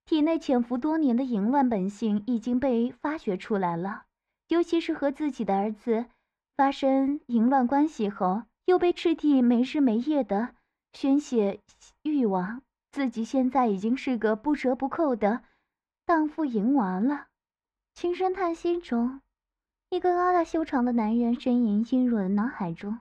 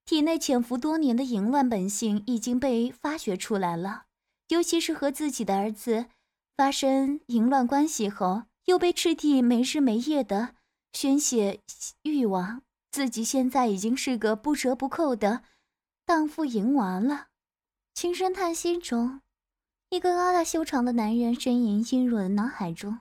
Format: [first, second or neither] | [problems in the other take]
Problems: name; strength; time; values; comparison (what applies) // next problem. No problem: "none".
second | muffled; very; fading above 2.5 kHz